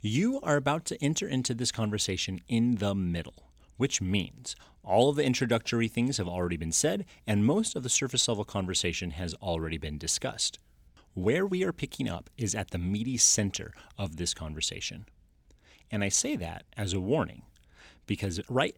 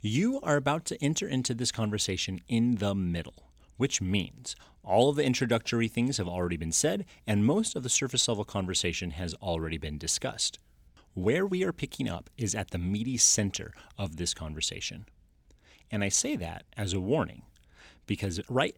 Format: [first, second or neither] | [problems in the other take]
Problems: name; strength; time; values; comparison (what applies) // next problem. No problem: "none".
neither | none